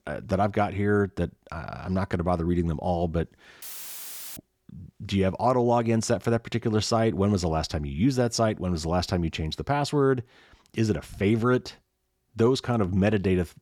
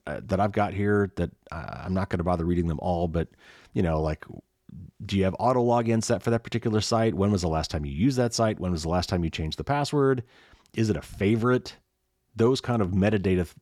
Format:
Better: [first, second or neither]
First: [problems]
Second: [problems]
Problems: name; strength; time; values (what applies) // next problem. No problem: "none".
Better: second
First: audio cutting out; filled with static; at 3.5 s for 1 s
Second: none